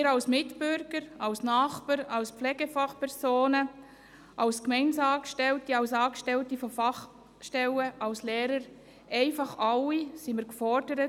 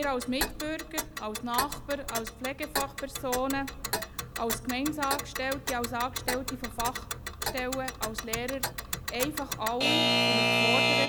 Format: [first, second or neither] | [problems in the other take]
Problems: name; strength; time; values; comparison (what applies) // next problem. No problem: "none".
first | background sound (Alarm / Clock); 2 dB above the speech